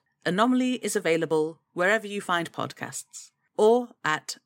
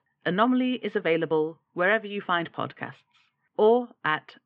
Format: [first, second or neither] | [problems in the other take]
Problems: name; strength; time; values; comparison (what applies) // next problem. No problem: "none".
first | muffled; very; fading above 3 kHz